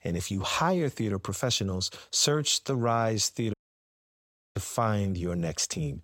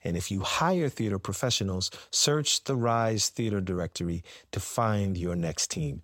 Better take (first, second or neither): second